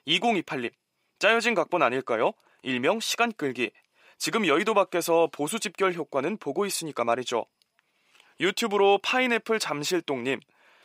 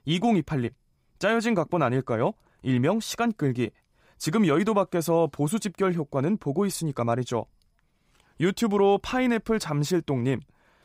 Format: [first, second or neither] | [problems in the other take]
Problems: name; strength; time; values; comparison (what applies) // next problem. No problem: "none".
second | thin; somewhat; fading below 350 Hz